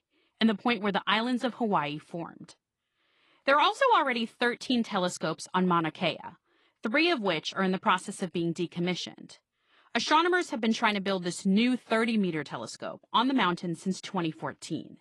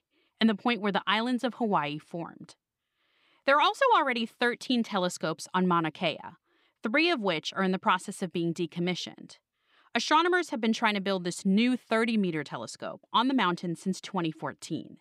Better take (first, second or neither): second